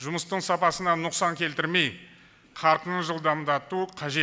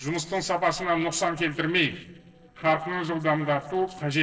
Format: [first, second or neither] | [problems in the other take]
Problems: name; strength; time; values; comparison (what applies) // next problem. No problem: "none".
first | noise reduction (neural separator model SepFormer DNS4)